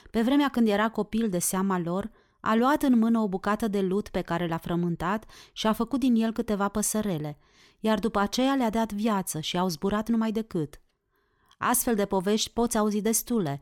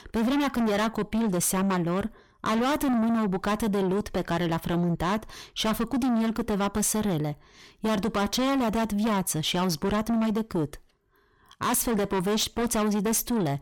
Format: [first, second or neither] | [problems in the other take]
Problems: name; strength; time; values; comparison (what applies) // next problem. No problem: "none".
first | distortion; heavy; 7 dB below the speech